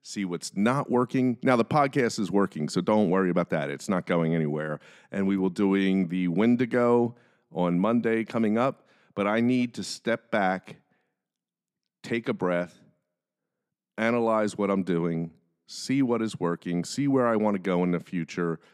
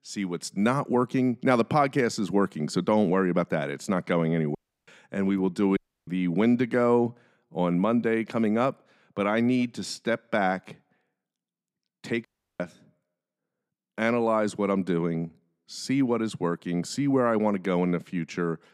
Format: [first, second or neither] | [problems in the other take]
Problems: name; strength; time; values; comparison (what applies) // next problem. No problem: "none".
first | audio cutting out; at 4.5 s, at 6 s and at 12 s